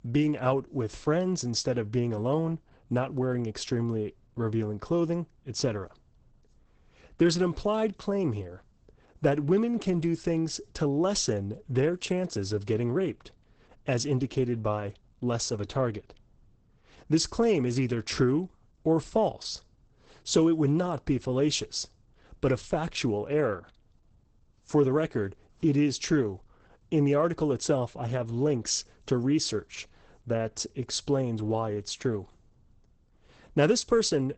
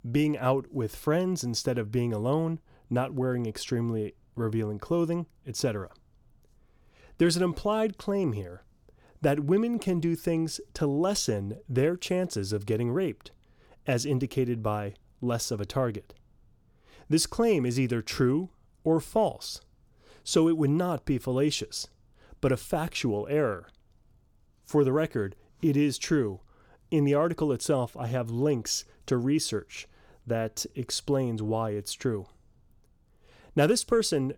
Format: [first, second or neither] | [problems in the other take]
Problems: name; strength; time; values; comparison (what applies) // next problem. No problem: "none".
second | garbled, watery; badly; nothing above 8 kHz